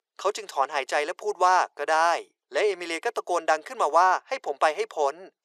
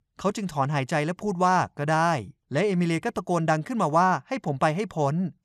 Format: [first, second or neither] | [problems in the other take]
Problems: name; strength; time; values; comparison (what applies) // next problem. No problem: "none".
second | thin; very; fading below 400 Hz